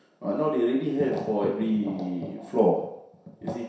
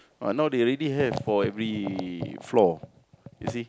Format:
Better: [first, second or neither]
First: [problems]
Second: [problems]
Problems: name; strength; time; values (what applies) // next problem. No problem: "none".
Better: second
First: room echo; dies away in 0.7 s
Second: none